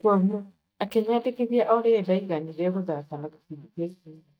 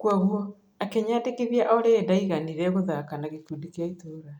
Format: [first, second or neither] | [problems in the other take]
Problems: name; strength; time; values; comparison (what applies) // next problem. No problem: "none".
second | noise reduction (neural mask model DeepFilterNet 3)